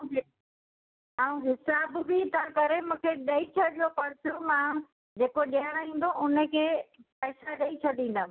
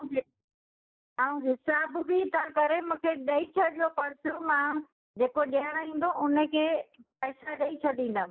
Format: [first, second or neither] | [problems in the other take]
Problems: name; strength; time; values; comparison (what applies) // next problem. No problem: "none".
first | noise reduction (neural mask model Resemble Enhance denoiser)